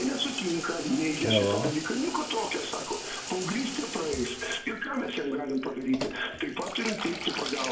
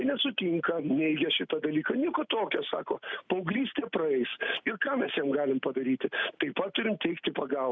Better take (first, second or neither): second